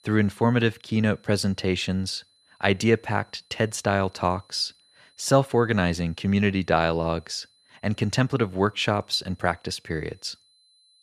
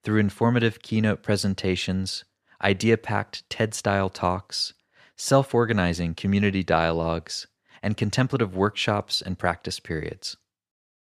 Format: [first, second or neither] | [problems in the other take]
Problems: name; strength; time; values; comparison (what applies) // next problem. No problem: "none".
second | high-pitched whine; faint; throughout; 4 kHz, 35 dB below the speech